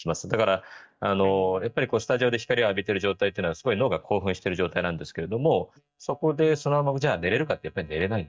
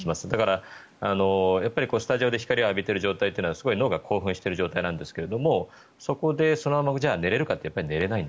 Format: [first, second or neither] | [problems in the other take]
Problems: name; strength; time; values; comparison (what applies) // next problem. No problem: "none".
second | noise reduction (neural mask model DeepFilterNet 3)